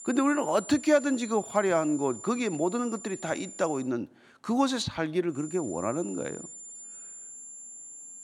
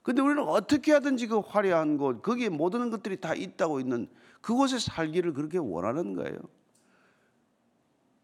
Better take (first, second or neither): second